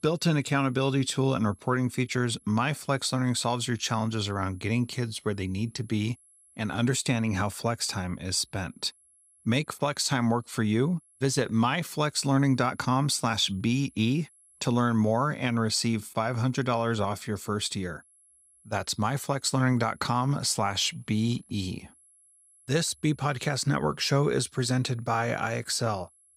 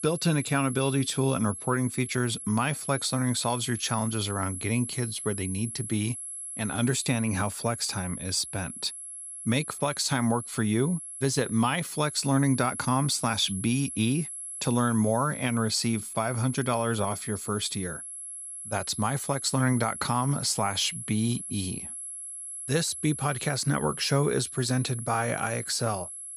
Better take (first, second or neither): first